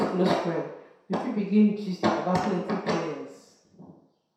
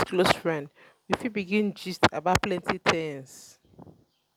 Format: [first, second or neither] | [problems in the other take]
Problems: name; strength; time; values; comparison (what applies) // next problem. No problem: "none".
second | room echo; dies away in 0.7 s